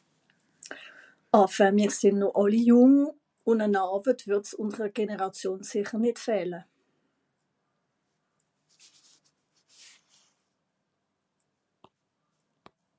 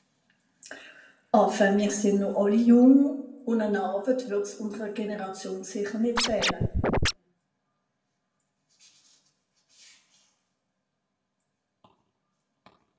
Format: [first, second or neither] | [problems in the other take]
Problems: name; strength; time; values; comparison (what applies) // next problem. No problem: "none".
first | background sound (Scratching (performance technique)); 2 dB above the speech // room echo; dies away in 0.7 s